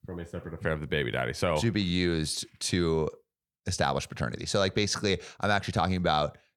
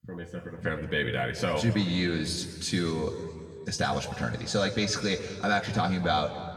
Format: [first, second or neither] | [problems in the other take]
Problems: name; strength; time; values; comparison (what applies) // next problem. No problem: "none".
first | room echo; slight; dies away in 1.8 s // off-mic speech; somewhat distant